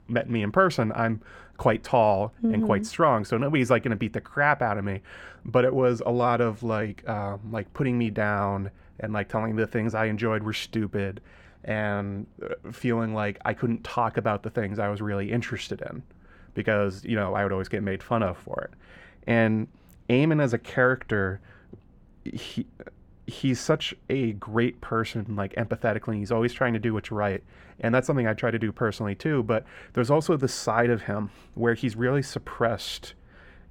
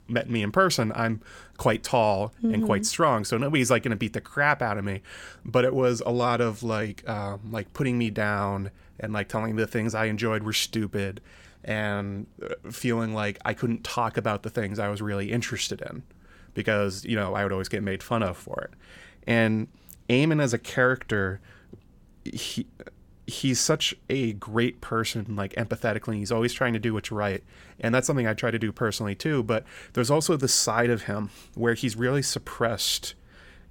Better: second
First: muffled; slightly; fading above 3.5 kHz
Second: none

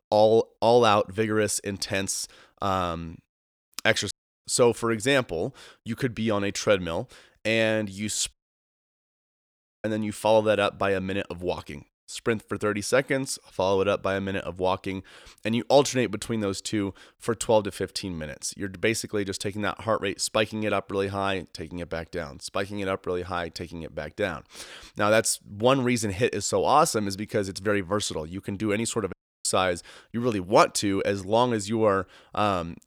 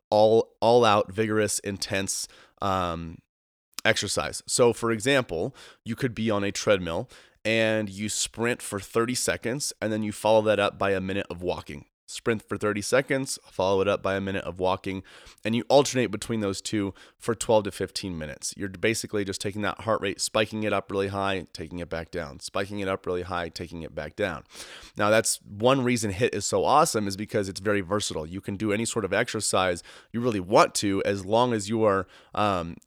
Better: second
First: audio cutting out; at 4 s, at 8.5 s for 1.5 s and at 29 s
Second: none

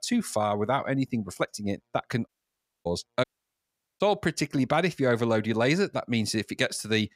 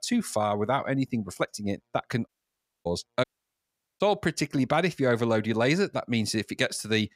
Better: neither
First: audio cutting out; at 2.5 s for 0.5 s and at 3 s for 1 s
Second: audio cutting out; at 2.5 s for 0.5 s and at 3 s for 1 s

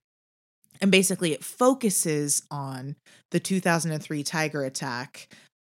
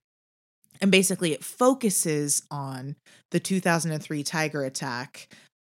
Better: neither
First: none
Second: none

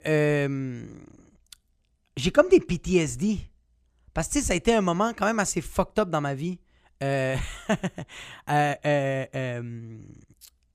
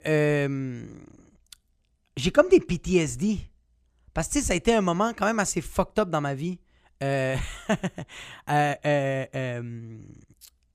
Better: neither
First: none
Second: none

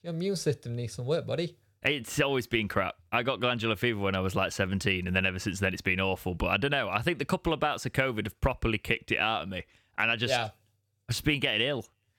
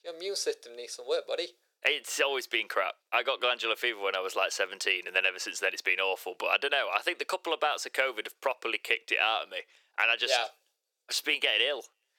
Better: first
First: none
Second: thin; very; fading below 400 Hz

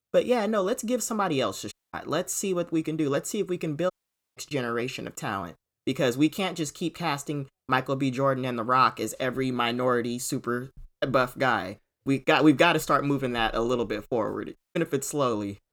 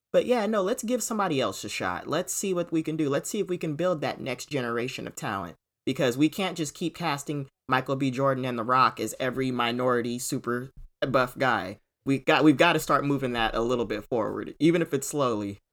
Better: second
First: audio cutting out; at 1.5 s, at 4 s and at 15 s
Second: none

